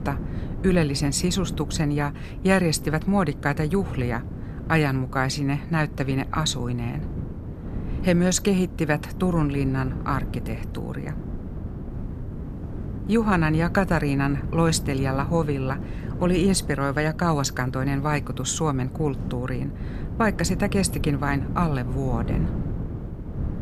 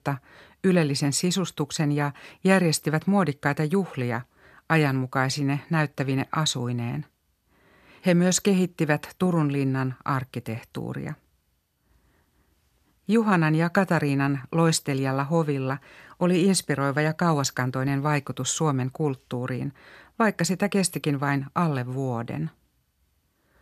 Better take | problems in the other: second | wind noise on the microphone; occasional gusts; 15 dB below the speech

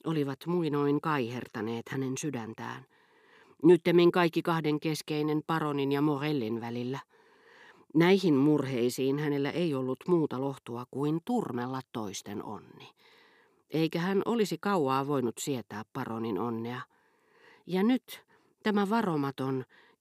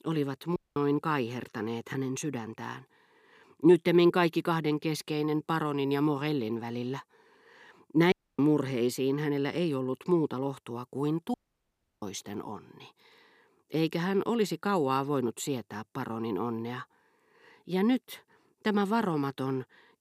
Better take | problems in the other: first | audio cutting out; at 0.5 s, at 8 s and at 11 s for 0.5 s

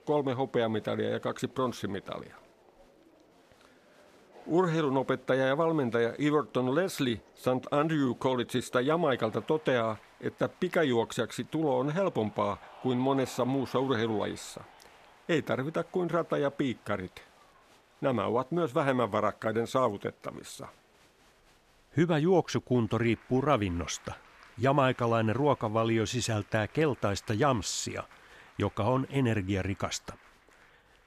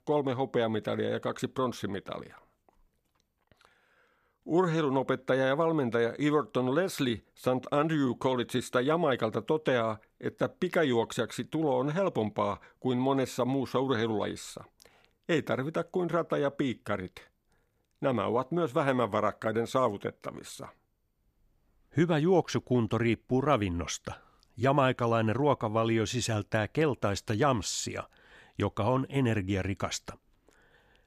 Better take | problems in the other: second | crowd noise; faint; throughout; 25 dB below the speech

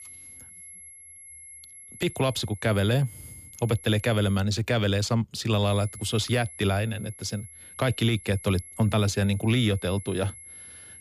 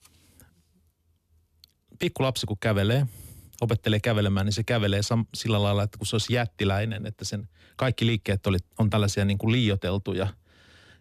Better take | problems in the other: second | high-pitched whine; noticeable; until 4.5 s and from 5.5 s on; 11 kHz, 15 dB below the speech

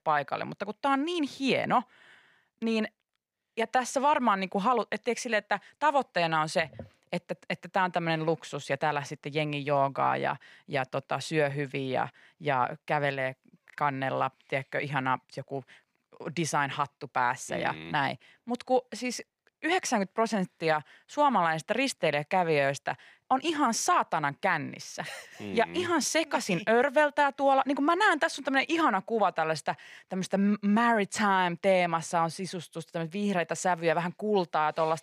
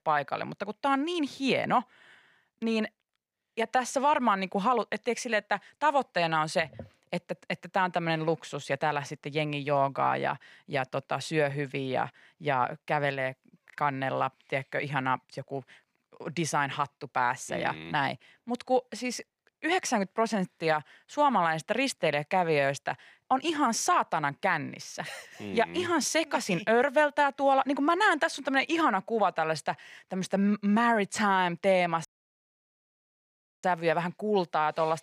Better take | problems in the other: first | audio cutting out; at 32 s for 1.5 s

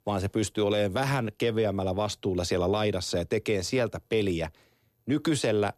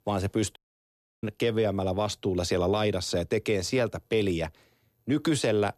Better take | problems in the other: first | audio cutting out; at 0.5 s for 0.5 s

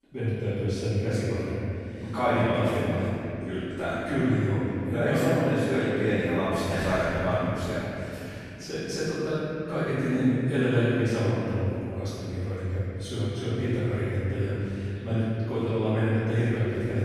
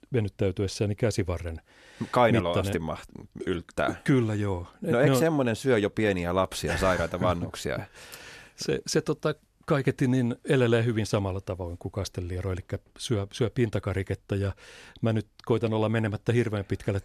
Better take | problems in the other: second | off-mic speech; far // room echo; strong; dies away in 3 s

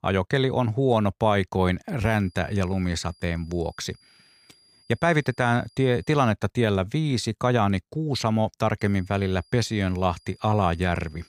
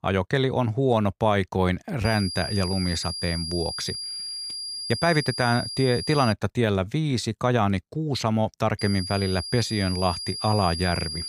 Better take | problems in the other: first | high-pitched whine; loud; from 2 to 6.5 s and from 9 s on; 5 kHz, 6 dB below the speech; faint in the first

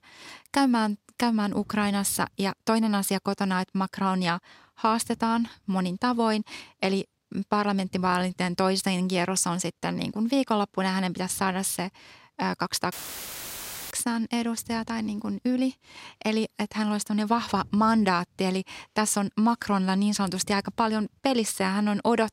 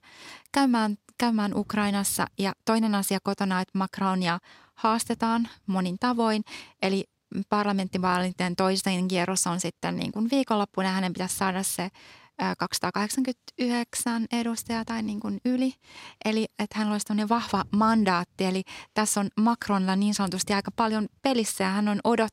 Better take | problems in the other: second | audio cutting out; filled with static; at 13 s for 1 s

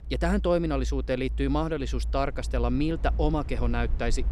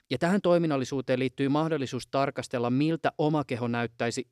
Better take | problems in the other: second | low rumble; faint; throughout; 20 dB below the speech

